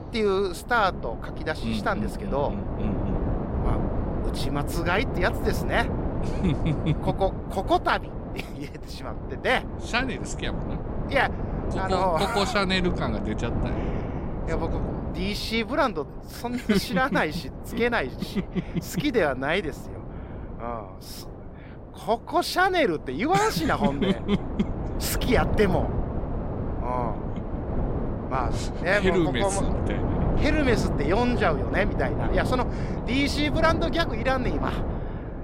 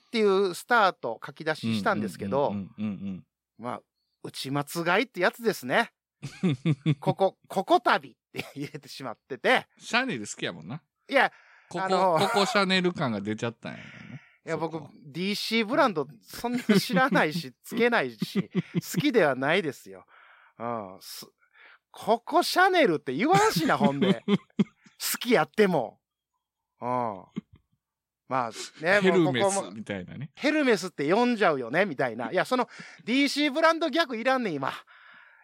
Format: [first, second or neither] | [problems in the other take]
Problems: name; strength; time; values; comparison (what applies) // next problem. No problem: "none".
second | wind noise on the microphone; heavy; 10 dB below the speech